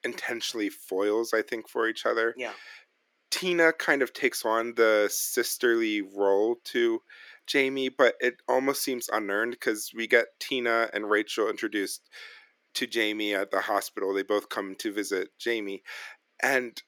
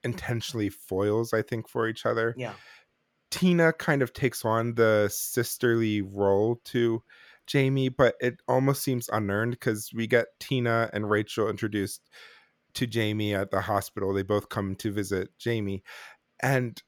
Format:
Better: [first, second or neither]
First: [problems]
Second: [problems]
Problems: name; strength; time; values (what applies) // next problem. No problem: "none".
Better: second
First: thin; somewhat; fading below 300 Hz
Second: none